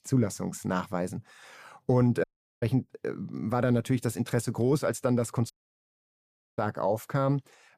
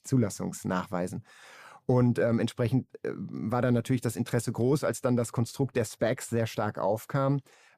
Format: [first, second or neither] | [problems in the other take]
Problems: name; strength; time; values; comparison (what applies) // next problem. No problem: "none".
second | audio cutting out; at 2 s and at 5.5 s for 1 s